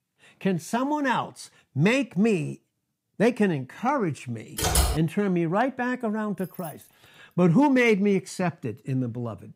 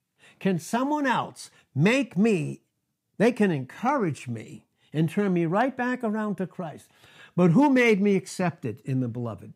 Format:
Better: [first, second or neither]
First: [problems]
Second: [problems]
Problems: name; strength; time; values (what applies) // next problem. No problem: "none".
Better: second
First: keyboard typing; loud; at 4.5 s; peak 2 dB above the speech // jangling keys; faint; at 6.5 s; peak 20 dB below the speech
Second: none